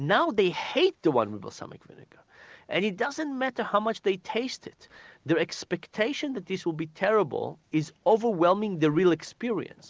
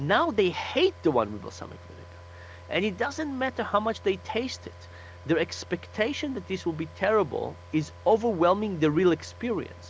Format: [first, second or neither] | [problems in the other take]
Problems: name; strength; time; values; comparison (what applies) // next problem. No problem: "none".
first | background sound (Car); 18 dB below the speech